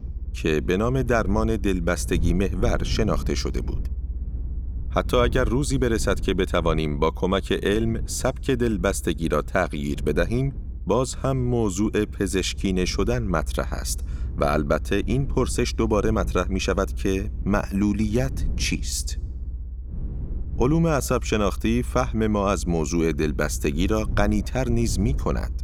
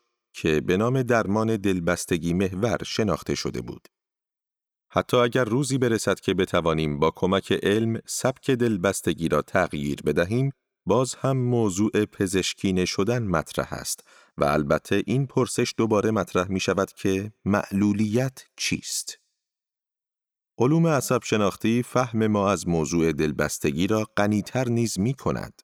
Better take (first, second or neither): second